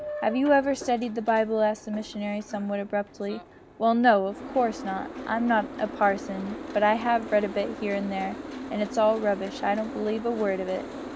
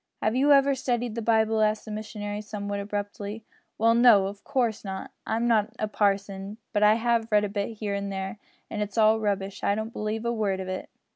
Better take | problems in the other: second | background sound (Boat, Water vehicle); 12 dB below the speech

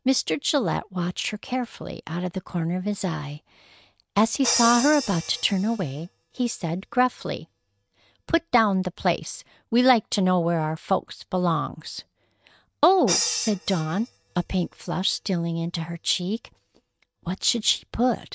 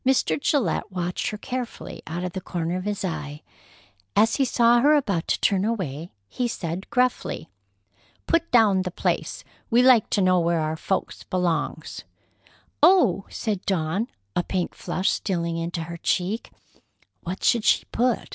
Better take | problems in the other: second | noise reduction (neural mask model RNNoise)

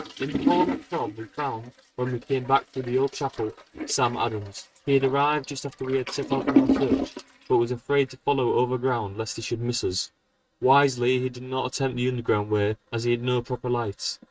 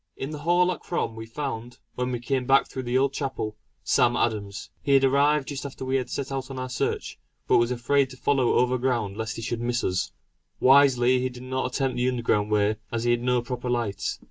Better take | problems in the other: second | noise reduction (neural mask model RNNoise)

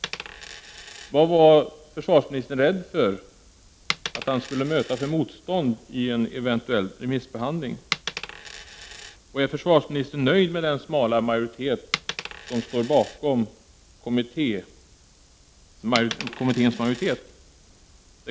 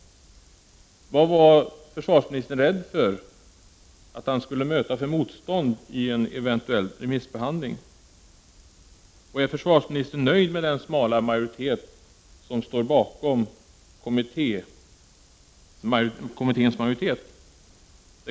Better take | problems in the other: second | background sound (Coin (dropping)); 14 dB below the speech

